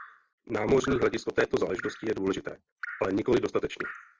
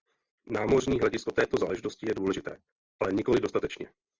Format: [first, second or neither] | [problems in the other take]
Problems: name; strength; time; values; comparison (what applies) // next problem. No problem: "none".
second | background sound (Drip); 15 dB below the speech